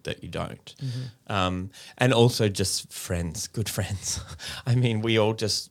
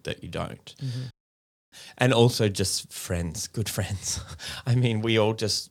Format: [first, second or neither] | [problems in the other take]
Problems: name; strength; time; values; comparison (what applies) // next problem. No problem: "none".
first | audio cutting out; at 1 s for 0.5 s